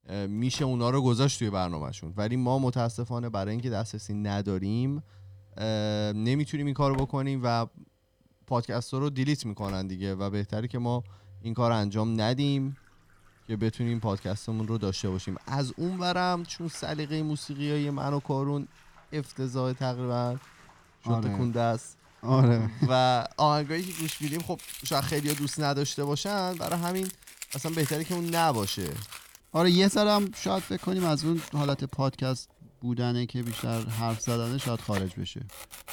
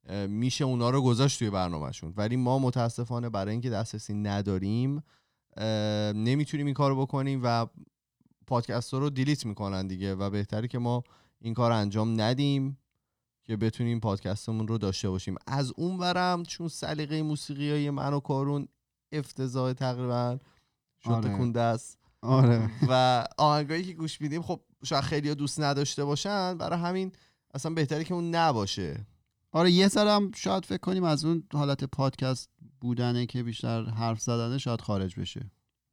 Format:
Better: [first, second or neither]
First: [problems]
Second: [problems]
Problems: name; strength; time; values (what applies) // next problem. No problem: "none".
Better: second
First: household noises; noticeable; throughout; 15 dB below the speech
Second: none